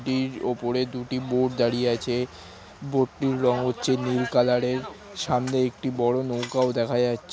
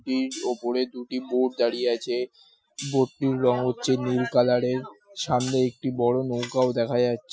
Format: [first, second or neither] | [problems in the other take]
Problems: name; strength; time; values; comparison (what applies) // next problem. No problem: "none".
first | noise reduction (classical method Wiener filter)